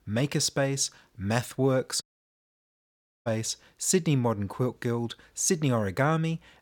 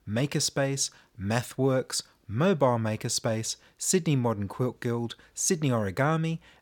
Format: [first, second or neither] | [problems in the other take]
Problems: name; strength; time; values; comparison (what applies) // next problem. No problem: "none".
second | audio cutting out; at 2 s for 1 s